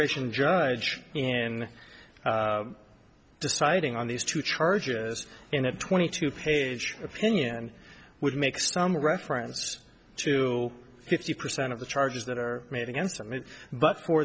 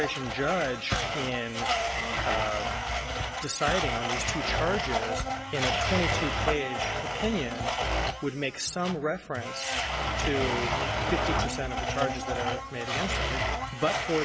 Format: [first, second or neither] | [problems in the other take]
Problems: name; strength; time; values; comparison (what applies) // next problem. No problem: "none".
first | background sound (Domestic sounds, home sounds); 2 dB above the speech